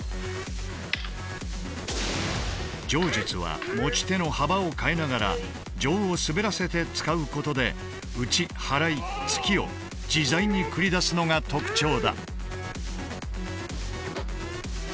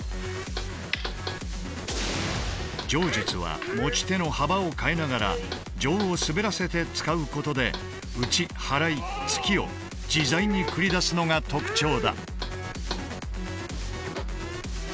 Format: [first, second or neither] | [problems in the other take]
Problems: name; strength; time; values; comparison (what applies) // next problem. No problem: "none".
first | background sound (Knock); 15 dB below the speech